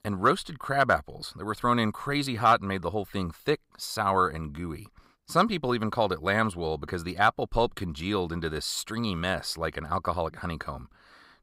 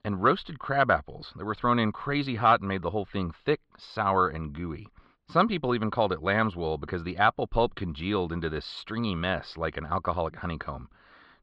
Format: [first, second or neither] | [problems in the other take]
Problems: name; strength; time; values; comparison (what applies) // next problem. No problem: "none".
first | muffled; slightly; fading above 3.5 kHz